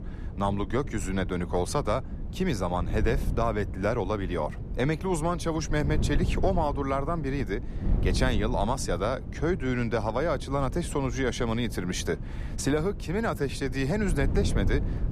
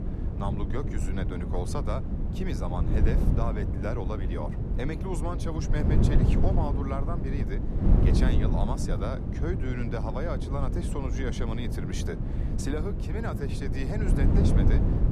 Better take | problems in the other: first | wind noise on the microphone; heavy; 2 dB below the speech; occasional gusts in the first

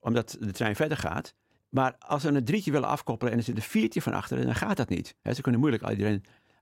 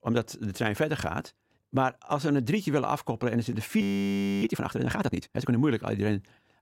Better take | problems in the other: first | audio freezing; at 4 s for 0.5 s

